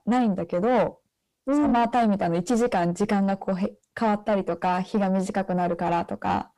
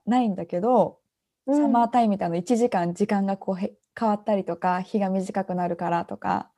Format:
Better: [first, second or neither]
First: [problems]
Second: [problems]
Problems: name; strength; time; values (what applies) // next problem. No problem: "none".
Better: second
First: distortion; slight; 9 dB below the speech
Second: none